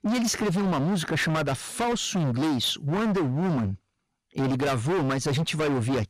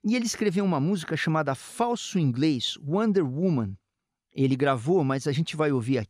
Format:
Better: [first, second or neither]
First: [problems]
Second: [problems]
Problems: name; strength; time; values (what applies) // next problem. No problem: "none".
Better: second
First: distortion; heavy; 36% of the sound clipped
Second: none